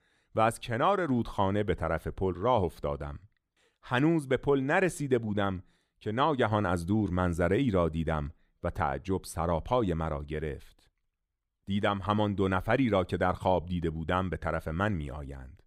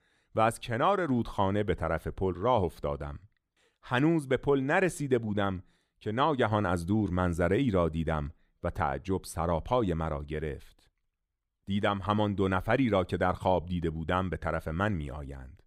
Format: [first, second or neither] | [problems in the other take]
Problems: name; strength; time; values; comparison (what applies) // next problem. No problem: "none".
neither | none